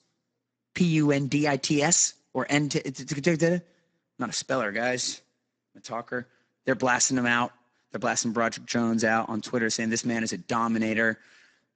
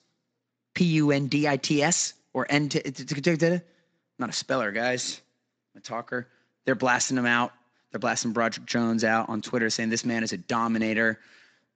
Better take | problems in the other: second | garbled, watery; badly; nothing above 7.5 kHz; slightly in the second

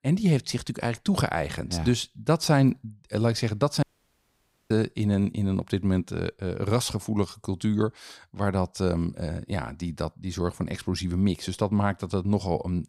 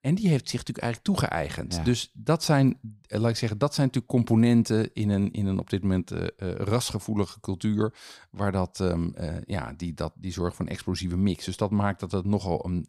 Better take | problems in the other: second | audio cutting out; at 4 s for 1 s

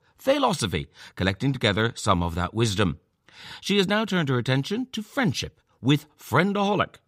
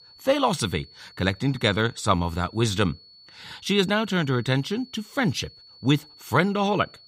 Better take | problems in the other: first | high-pitched whine; faint; throughout; 4.5 kHz, 25 dB below the speech

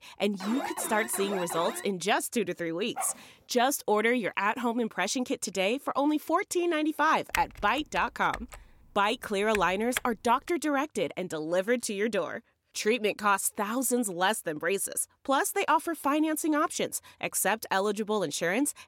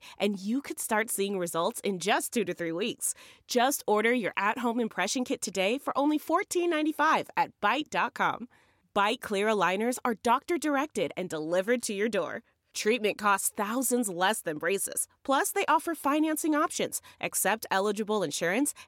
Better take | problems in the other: second | alarm; noticeable; until 2 s; peak 7 dB below the speech // dog barking; faint; at 3 s; peak 10 dB below the speech // keyboard typing; noticeable; from 7.5 to 10 s; peak 7 dB below the speech

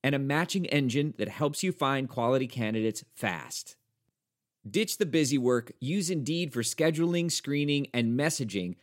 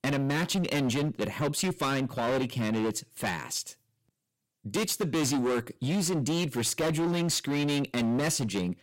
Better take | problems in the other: first | distortion; heavy; 23% of the sound clipped

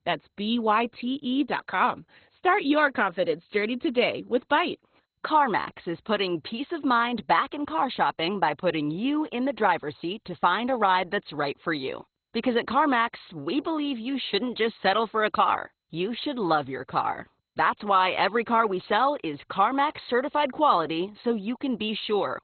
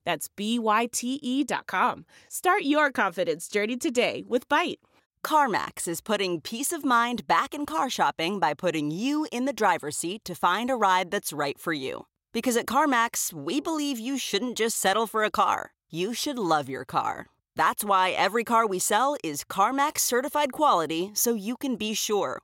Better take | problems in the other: second | garbled, watery; badly; nothing above 4 kHz

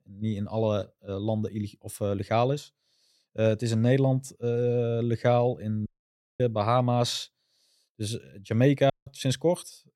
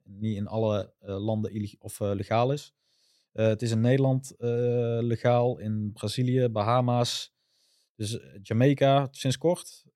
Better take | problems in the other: second | audio cutting out; at 6 s for 0.5 s and at 9 s

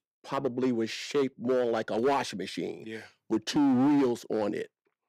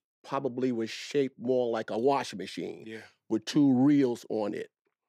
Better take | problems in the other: second | distortion; slight; 8% of the sound clipped

